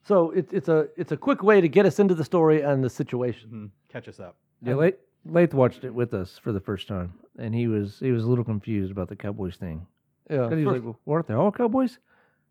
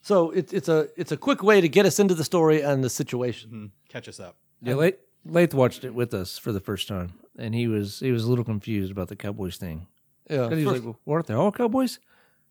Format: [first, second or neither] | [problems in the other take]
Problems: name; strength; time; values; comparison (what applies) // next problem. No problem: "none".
second | muffled; slightly; fading above 3 kHz